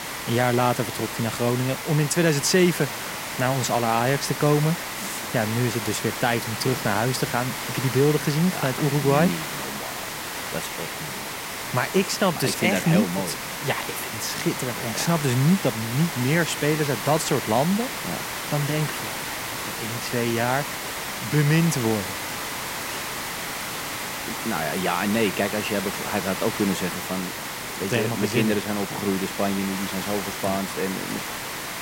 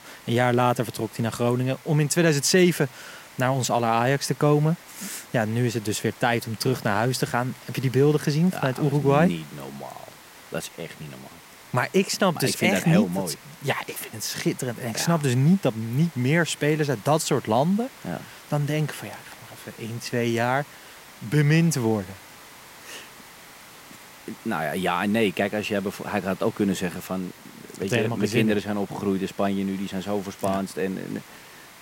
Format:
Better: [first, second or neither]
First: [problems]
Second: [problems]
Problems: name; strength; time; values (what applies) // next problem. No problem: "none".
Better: second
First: hiss; loud; throughout; 5 dB below the speech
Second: hiss; faint; throughout; 20 dB below the speech